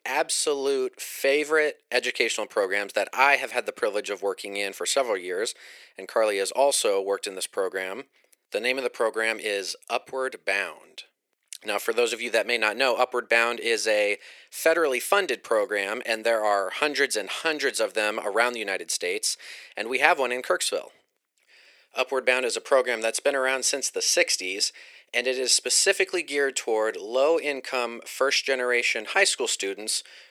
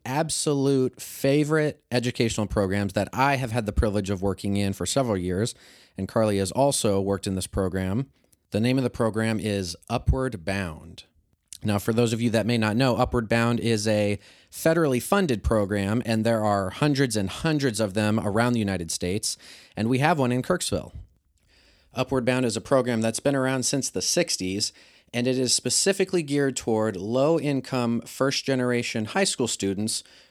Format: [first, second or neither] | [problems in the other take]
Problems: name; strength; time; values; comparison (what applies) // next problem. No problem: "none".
second | thin; very; fading below 400 Hz